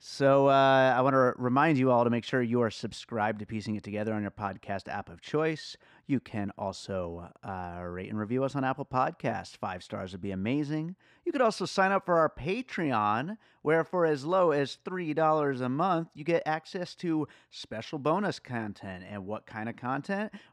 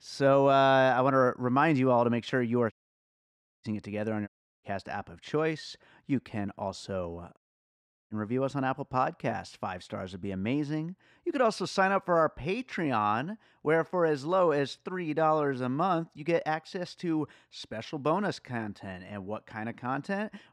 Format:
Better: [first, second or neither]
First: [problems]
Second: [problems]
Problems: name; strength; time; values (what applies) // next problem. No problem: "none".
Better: first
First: none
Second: audio cutting out; at 2.5 s for 1 s, at 4.5 s and at 7.5 s for 0.5 s